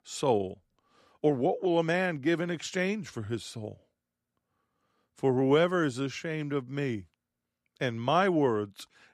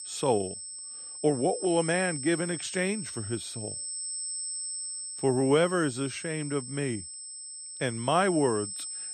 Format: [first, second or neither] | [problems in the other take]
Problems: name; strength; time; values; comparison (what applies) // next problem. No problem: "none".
first | high-pitched whine; loud; throughout; 8 kHz, 7 dB below the speech